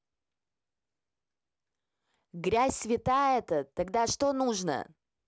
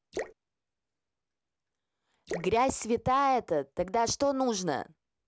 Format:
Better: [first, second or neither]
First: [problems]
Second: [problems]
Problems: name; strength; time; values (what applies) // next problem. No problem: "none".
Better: first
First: none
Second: background sound (Drip / Splash, splatter); 15 dB below the speech